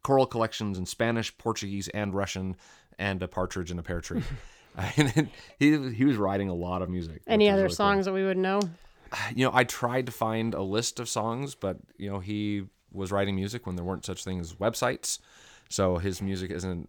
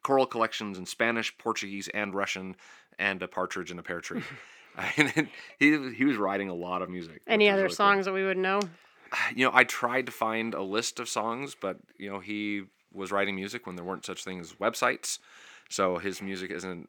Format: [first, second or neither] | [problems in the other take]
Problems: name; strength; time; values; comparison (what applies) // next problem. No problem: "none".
first | thin; very slightly; fading below 250 Hz